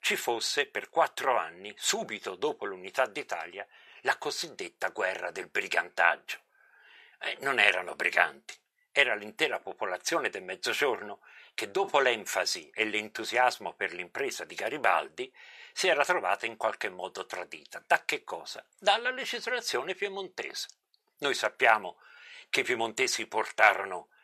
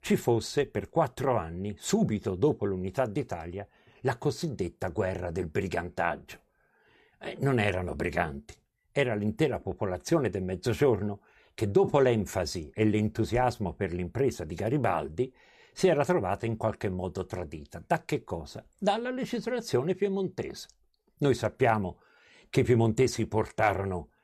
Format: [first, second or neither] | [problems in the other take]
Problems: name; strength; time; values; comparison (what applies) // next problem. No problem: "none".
second | thin; very; fading below 750 Hz